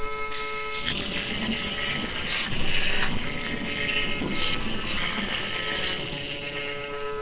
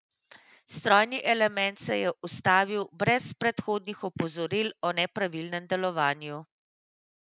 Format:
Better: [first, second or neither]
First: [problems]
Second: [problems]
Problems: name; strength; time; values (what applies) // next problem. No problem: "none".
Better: second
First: noise reduction (neural separator model SepFormer WHAMR!)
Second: none